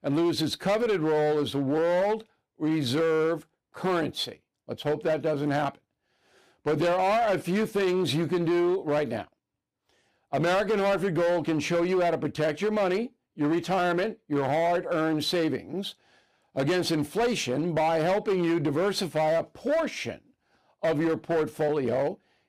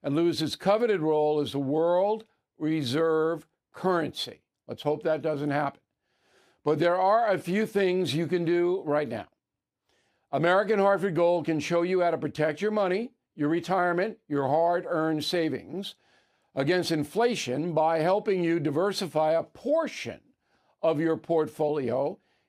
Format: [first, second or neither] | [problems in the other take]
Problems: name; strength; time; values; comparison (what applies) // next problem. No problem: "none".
second | distortion; slight; 14% of the sound clipped